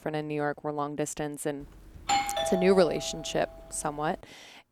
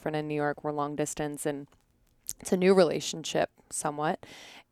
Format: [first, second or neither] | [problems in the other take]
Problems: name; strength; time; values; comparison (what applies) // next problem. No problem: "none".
second | doorbell; loud; from 2 to 3 s; peak 2 dB above the speech